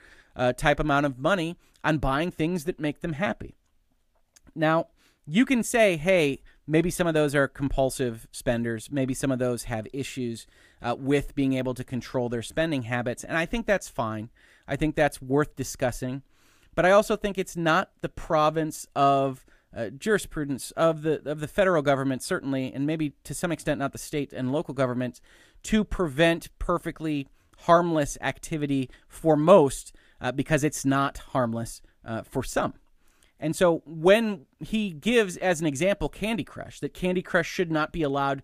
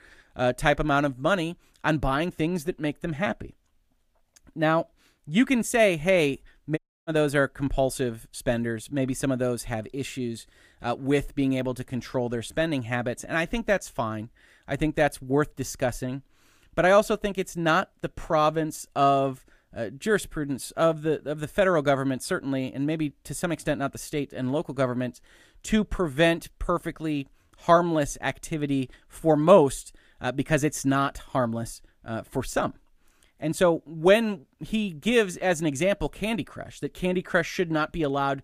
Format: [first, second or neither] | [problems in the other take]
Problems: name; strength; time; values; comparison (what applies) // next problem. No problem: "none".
first | audio cutting out; at 7 s